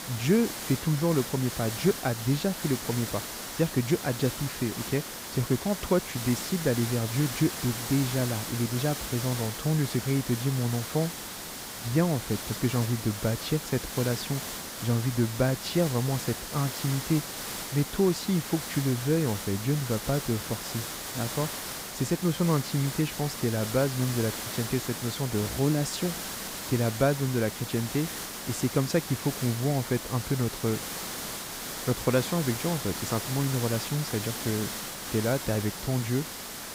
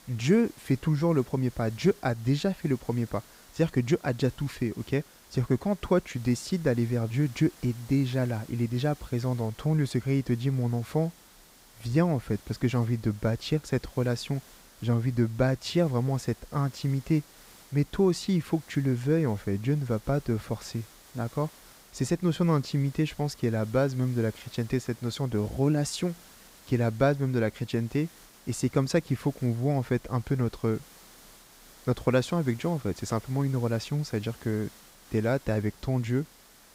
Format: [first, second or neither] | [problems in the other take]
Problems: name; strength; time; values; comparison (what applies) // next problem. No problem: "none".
second | hiss; loud; throughout; 6 dB below the speech; faint in the second